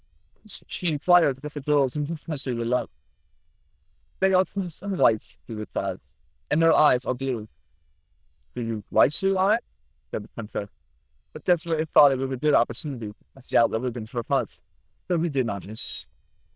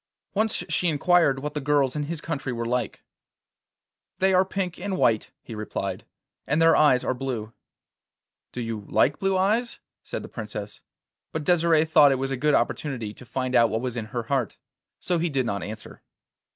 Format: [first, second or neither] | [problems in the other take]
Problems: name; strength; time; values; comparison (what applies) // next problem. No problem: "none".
second | noise reduction (neural diffusion model UNIVERSE++)